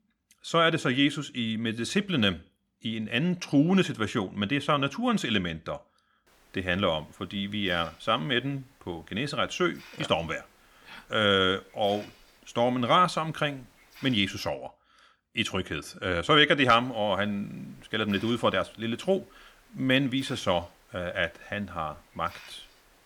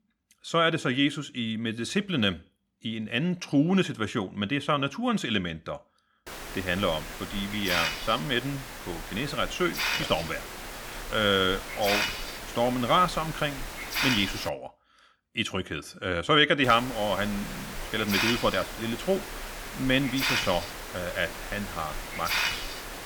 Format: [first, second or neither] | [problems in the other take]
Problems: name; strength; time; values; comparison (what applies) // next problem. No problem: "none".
first | hiss; loud; from 6.5 to 14 s and from 17 s on; 5 dB below the speech; faint in the first